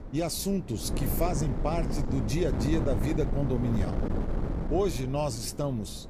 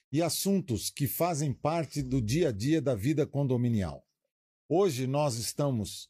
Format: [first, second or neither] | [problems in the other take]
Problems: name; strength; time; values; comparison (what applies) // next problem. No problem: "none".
second | wind noise on the microphone; heavy; 6 dB below the speech